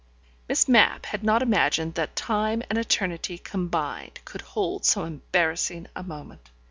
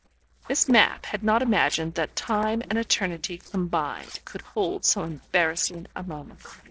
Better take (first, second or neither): first